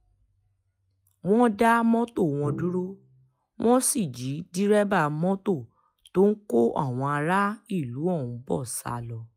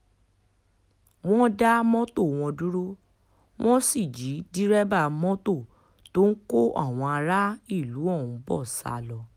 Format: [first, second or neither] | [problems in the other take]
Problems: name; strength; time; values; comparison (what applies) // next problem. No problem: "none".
second | noise reduction (classical method log-MMSE)